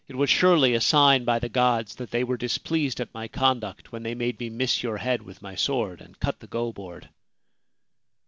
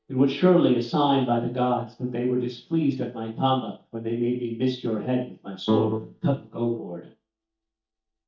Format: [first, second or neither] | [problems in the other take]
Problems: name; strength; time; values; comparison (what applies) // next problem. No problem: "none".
first | noise reduction (neural mask model DeepFilterNet 3)